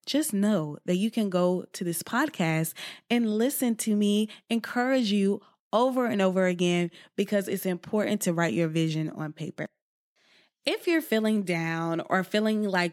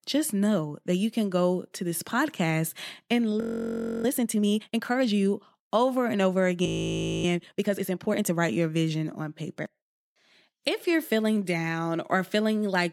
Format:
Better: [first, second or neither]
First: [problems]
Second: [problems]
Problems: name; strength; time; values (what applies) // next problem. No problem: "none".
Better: first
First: none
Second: audio freezing; at 3.5 s for 0.5 s and at 6.5 s for 0.5 s